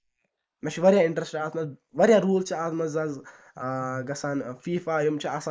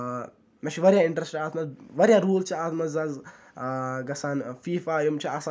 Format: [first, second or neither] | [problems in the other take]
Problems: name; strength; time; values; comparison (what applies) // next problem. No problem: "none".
second | noise reduction (neural mask model Resemble Enhance denoiser)